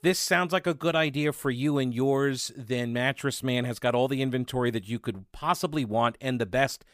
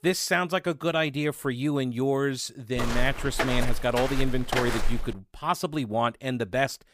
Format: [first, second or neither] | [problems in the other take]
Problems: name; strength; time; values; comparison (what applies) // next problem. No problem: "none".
first | footsteps; noticeable; from 3 to 5 s; peak 1 dB below the speech